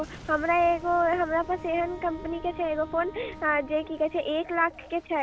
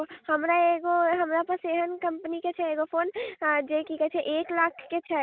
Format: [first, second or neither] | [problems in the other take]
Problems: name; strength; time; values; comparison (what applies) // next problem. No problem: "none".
second | background sound (Boom + Wind instrument, woodwind instrument); 16 dB below the speech